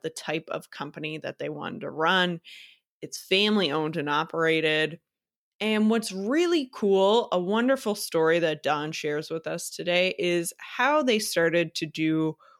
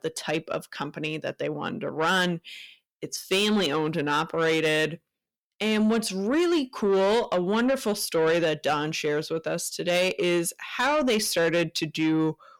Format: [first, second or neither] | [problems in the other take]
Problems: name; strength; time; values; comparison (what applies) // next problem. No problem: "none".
first | distortion; slight; 10 dB below the speech